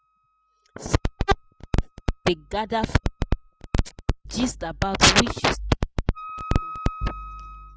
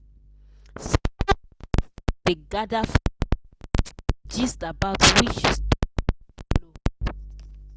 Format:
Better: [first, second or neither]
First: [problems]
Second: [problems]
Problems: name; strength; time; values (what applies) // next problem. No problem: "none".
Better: second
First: noise reduction (classical method spectral subtraction)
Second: none